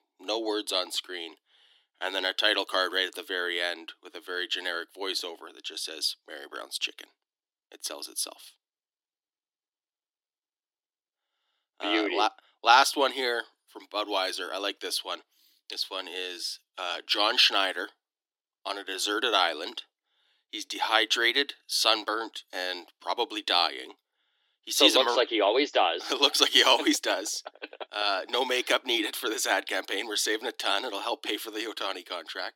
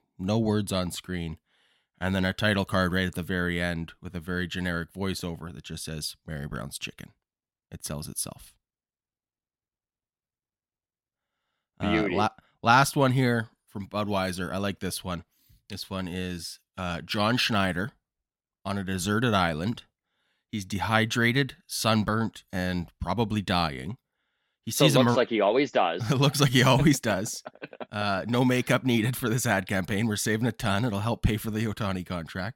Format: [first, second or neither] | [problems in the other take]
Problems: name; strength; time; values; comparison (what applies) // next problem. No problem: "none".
second | thin; very; fading below 300 Hz